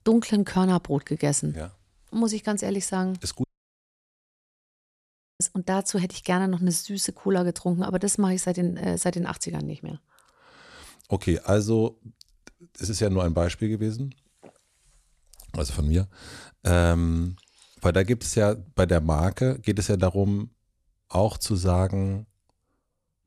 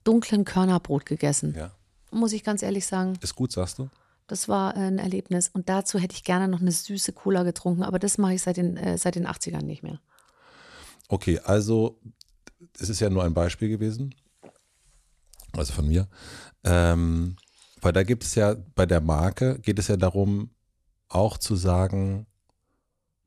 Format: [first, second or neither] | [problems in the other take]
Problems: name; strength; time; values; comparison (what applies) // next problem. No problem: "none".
second | audio cutting out; at 3.5 s for 2 s